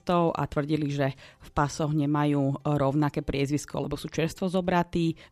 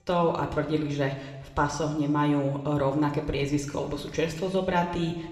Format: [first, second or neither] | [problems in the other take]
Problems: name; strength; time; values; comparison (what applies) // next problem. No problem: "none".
first | room echo; slight; dies away in 1.2 s